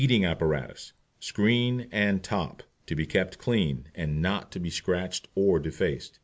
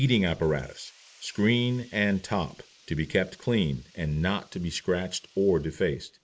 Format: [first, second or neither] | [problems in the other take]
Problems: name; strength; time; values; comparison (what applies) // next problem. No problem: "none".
first | noise reduction (neural mask model Resemble Enhance denoiser)